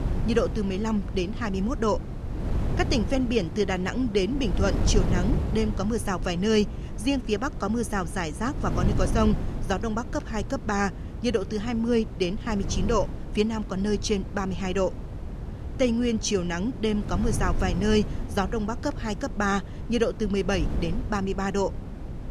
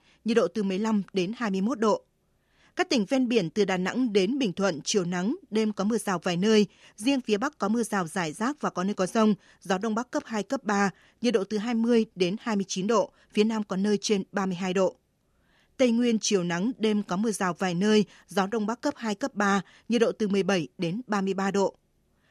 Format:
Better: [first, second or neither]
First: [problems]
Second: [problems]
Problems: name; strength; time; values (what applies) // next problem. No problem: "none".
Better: second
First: wind noise on the microphone; occasional gusts; 10 dB below the speech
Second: none